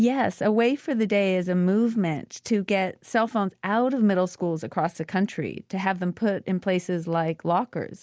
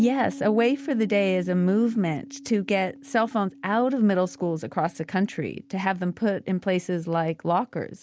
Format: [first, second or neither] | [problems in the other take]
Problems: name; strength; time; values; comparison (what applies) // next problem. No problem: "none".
first | background sound (Piano); 19 dB below the speech